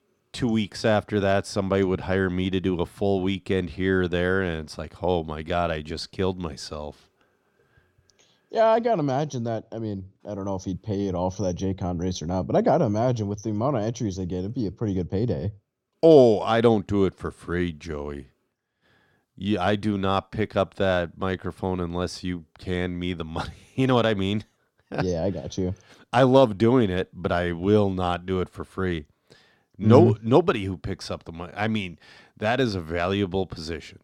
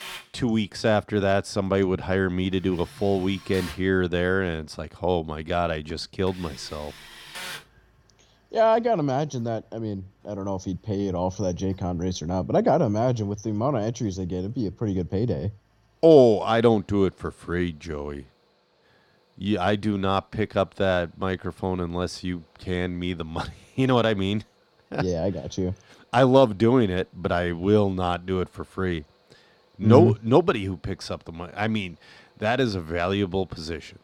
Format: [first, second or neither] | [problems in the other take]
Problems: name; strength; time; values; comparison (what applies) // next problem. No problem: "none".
first | machinery noise; noticeable; throughout; 15 dB below the speech